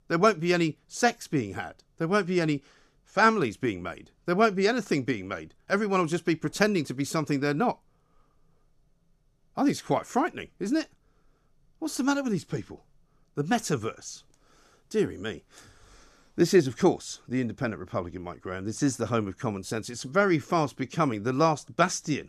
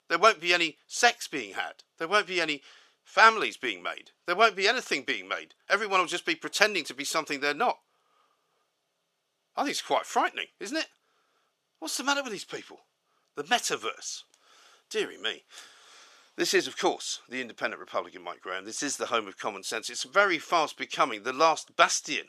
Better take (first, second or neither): first